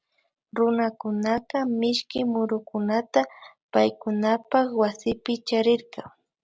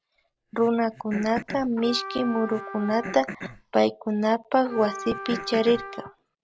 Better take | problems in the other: first | background sound (Cough + Trumpet); 12 dB below the speech

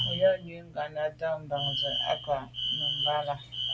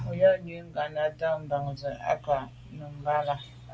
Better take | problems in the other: second | background sound (Alarm); 3 dB below the speech

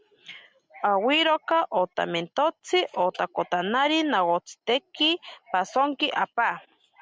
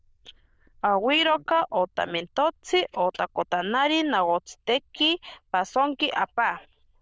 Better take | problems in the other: first | noise reduction (neural diffusion model UNIVERSE++)

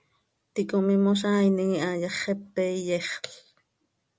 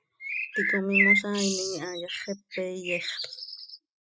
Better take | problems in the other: first | noise reduction (classical method spectral subtraction)

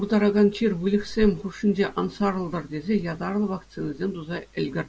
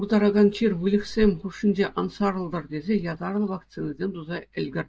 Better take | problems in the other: first | noise reduction (neural mask model DeepFilterNet 3)

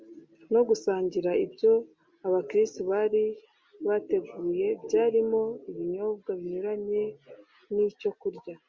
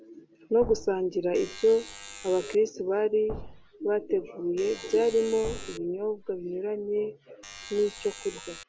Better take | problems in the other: first | background sound (Alarm + Thump, thud); 14 dB below the speech

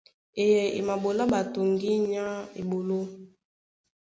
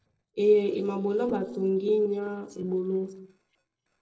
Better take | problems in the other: first | noise reduction (neural separator model SepFormer DNS4)

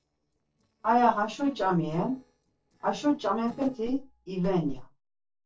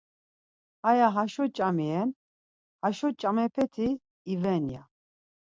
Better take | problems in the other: second | noise reduction (neural separator model SepFormer DNS4)

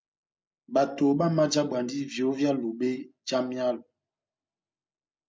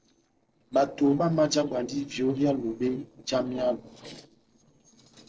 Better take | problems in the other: first | noise reduction (neural separator model SepFormer DNS4)

